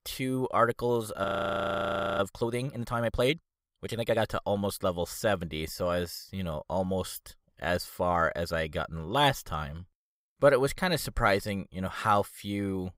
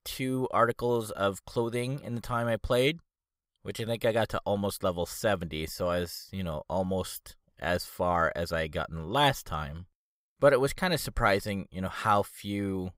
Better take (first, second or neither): second